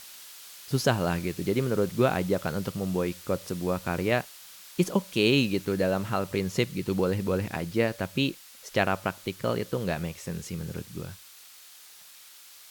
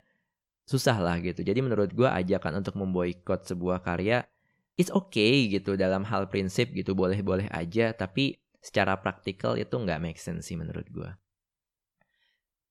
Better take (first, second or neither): second